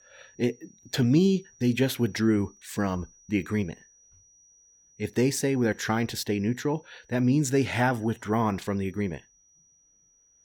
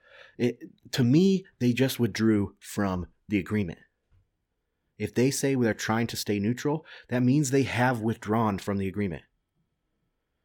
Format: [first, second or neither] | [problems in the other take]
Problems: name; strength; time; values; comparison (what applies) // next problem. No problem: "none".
second | high-pitched whine; faint; throughout; 6 kHz, 30 dB below the speech